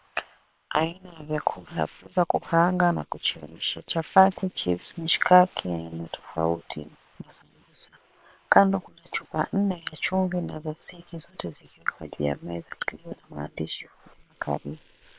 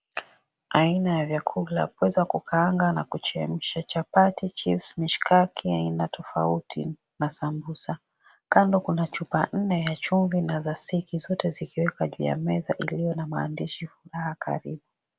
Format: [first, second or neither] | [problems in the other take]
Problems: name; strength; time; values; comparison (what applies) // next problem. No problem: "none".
second | noise reduction (neural separator model SepFormer WHAM!)